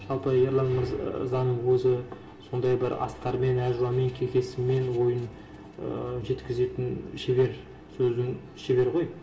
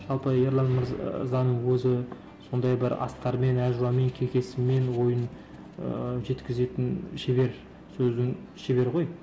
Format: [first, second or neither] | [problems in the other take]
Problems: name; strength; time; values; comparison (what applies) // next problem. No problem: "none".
second | room echo; dies away in 0.7 s